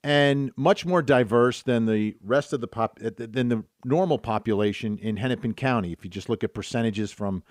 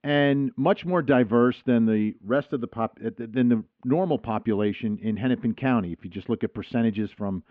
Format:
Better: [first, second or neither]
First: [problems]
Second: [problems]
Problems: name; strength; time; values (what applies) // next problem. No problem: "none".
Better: first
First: none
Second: muffled; very; fading above 3 kHz